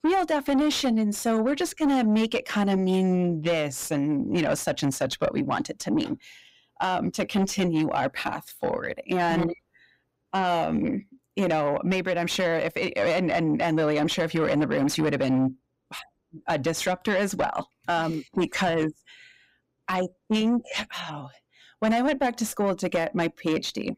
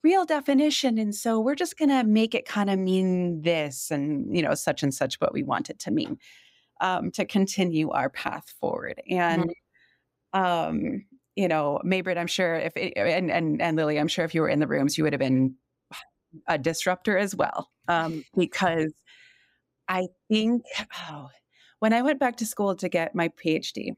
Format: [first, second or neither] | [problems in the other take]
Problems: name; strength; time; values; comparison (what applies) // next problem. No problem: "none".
second | distortion; slight; 10 dB below the speech